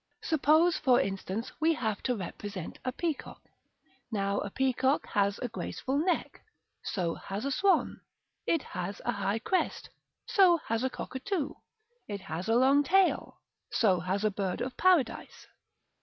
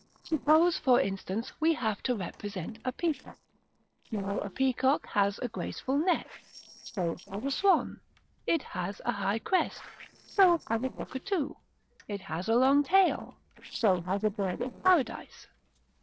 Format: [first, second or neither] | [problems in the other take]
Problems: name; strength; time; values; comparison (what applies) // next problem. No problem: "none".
first | noise reduction (neural separator model SepFormer DNS4)